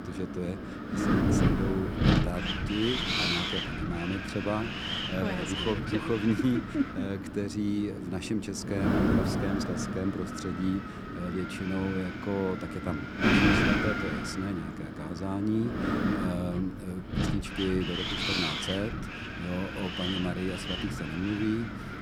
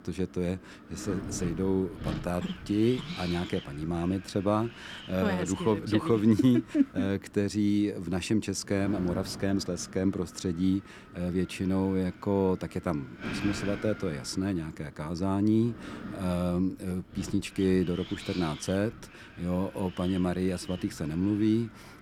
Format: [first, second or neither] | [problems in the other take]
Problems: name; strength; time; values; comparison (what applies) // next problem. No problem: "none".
second | wind noise on the microphone; heavy; 4 dB above the speech; occasional gusts in the second